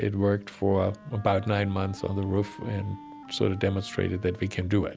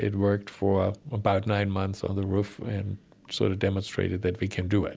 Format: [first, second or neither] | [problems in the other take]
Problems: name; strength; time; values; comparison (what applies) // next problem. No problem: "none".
second | background sound (Wind instrument, woodwind instrument); 20 dB below the speech